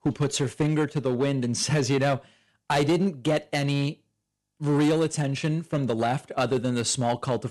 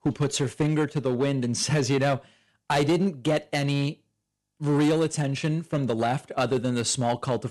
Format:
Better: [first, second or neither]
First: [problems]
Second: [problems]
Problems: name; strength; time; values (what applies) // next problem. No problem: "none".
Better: neither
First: distortion; slight; 6% of the sound clipped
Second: distortion; slight; 6% of the sound clipped